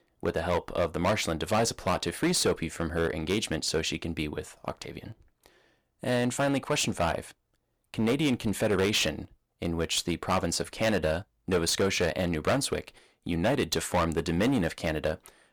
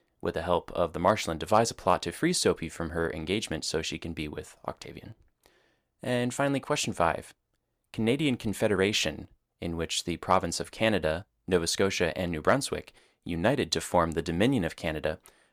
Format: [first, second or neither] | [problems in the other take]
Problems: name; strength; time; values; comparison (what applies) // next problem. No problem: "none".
second | distortion; heavy; 7% of the sound clipped